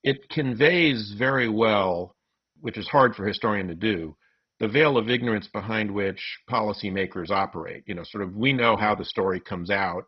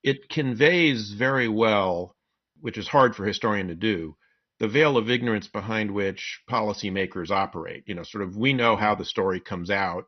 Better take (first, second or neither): second